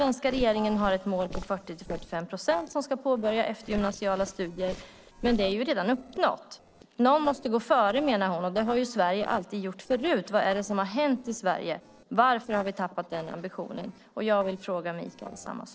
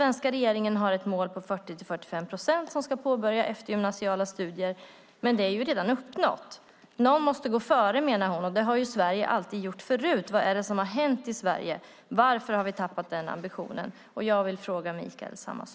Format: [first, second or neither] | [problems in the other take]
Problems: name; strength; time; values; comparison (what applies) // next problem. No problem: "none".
second | noise reduction (neural separator model SepFormer DNS4)